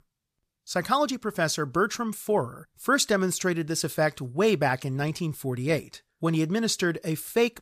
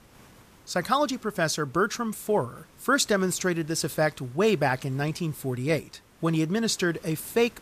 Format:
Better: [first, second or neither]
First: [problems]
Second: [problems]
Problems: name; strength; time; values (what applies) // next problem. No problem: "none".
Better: first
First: none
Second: hiss; faint; throughout; 25 dB below the speech